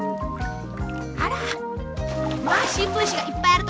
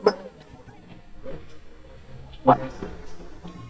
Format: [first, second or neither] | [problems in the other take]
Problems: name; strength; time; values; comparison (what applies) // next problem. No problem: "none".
first | noise reduction (neural mask model DeepFilterNet 3)